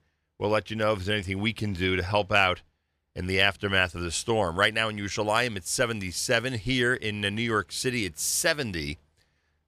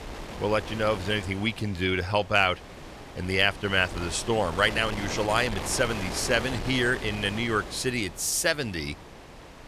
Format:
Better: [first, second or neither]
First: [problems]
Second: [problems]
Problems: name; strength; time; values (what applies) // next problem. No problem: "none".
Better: first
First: none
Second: wind noise on the microphone; occasional gusts; 10 dB below the speech